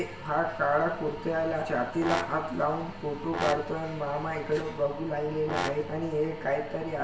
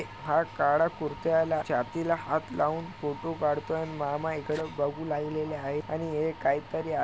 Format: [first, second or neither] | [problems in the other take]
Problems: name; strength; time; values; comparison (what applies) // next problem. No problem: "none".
second | background sound (Brass instrument); 8 dB below the speech // room echo; dies away in 0.8 s